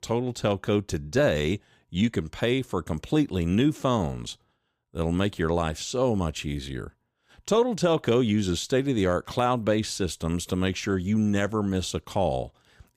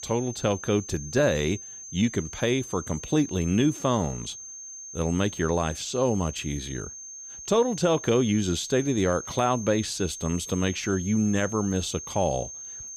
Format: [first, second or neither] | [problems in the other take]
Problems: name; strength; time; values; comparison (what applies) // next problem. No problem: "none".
first | high-pitched whine; noticeable; throughout; 6.5 kHz, 10 dB below the speech